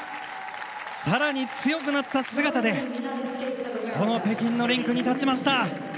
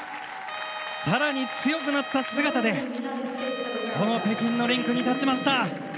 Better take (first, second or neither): first